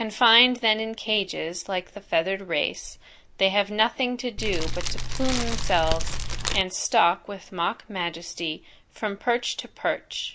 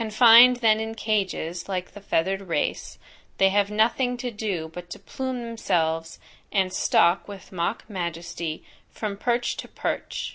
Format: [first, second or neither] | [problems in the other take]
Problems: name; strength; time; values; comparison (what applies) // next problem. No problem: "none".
second | background sound (Fire); 1 dB above the speech